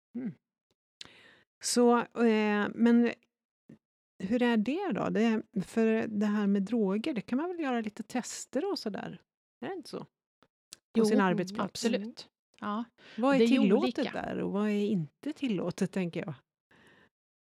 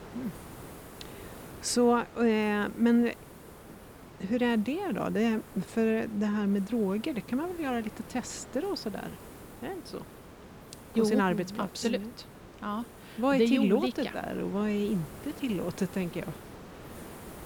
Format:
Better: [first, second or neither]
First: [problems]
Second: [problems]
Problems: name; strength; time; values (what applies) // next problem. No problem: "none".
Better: first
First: none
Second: hiss; noticeable; throughout; 20 dB below the speech